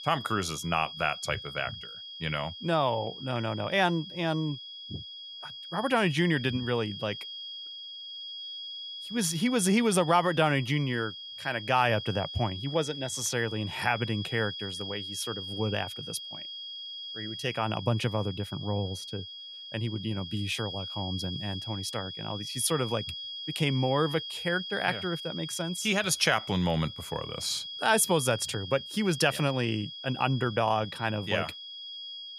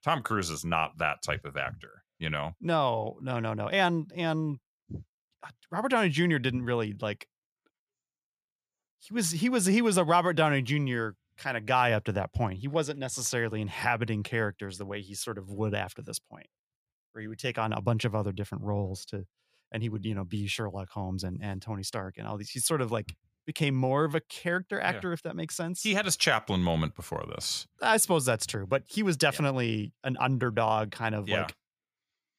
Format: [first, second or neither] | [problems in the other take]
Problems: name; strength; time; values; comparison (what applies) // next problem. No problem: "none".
second | high-pitched whine; loud; throughout; 3.5 kHz, 9 dB below the speech